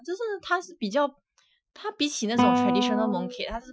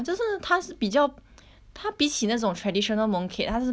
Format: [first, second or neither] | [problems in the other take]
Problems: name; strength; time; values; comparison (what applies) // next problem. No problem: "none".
second | noise reduction (classical method Wiener filter)